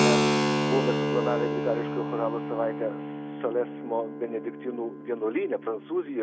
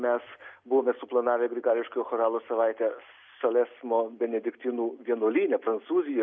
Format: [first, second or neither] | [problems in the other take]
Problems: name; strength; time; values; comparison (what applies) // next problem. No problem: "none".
second | background sound (Keyboard (musical)); 1 dB above the speech